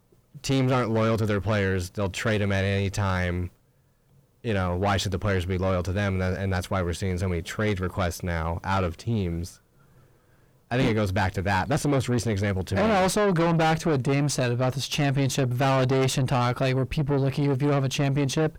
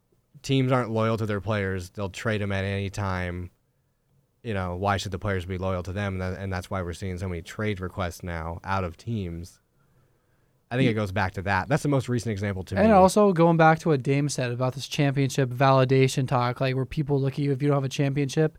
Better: second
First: distortion; heavy; 6 dB below the speech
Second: none

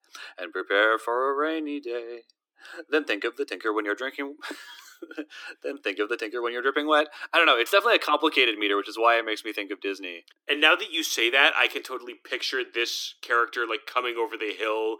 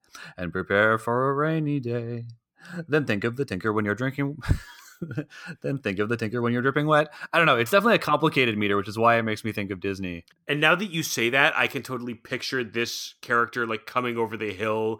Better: second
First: thin; somewhat; fading below 300 Hz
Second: none

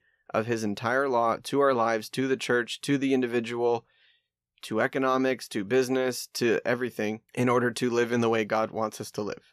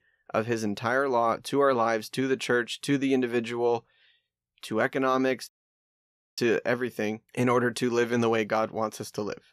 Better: first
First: none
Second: audio cutting out; at 5.5 s for 1 s

